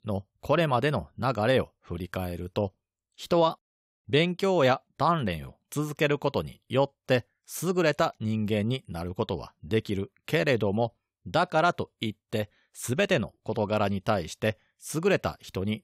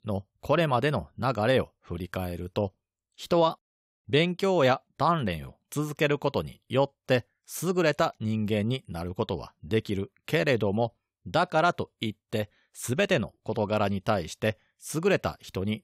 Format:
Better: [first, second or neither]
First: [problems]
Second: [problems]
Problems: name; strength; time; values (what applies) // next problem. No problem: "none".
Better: neither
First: none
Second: none